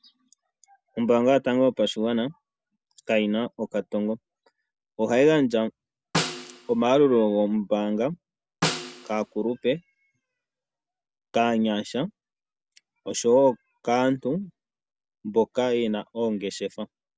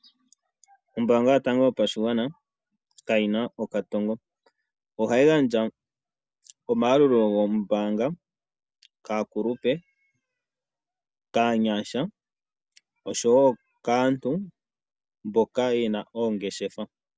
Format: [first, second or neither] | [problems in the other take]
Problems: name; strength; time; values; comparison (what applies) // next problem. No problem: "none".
second | background sound (Snare drum); 7 dB below the speech